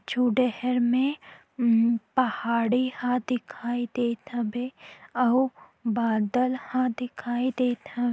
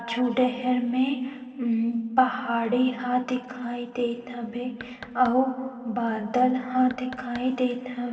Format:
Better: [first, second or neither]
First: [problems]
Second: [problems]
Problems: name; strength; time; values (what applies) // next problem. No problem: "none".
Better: first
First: none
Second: noise reduction (neural separator model SepFormer DNS4)